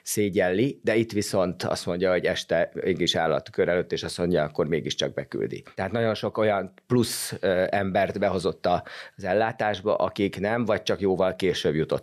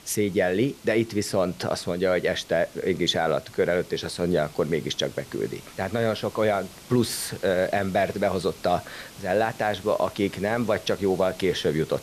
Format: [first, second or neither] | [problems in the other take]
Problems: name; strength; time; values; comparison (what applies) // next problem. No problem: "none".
first | hiss; noticeable; throughout; 20 dB below the speech